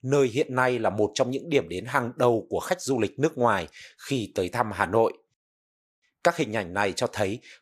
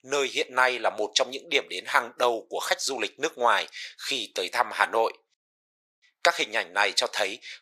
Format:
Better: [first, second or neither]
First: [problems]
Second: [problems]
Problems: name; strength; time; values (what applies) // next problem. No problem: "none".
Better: first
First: none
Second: thin; very; fading below 650 Hz